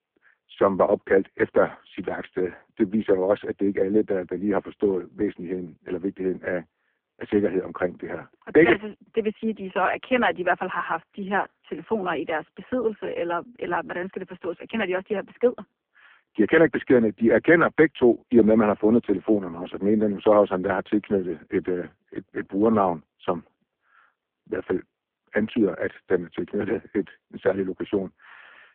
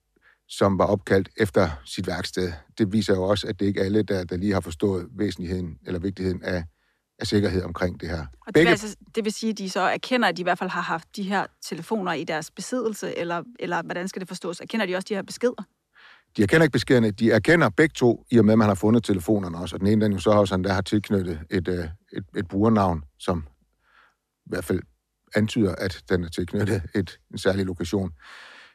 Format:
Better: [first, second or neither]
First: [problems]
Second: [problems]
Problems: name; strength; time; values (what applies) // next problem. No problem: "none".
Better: second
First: phone-call audio; poor line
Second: none